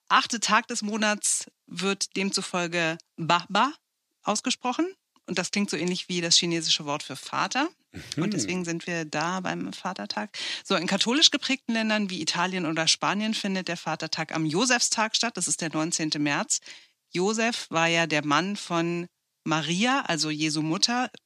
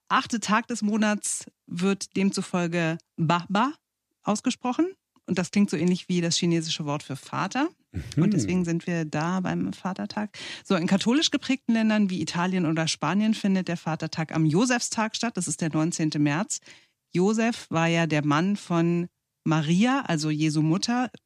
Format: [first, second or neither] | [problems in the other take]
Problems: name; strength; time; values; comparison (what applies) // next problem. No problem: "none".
second | thin; very slightly; fading below 1 kHz